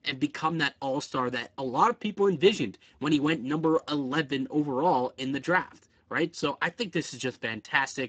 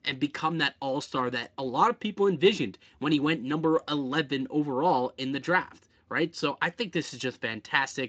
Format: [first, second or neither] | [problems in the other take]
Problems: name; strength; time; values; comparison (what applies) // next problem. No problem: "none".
second | garbled, watery; badly; nothing above 7.5 kHz; slightly in the second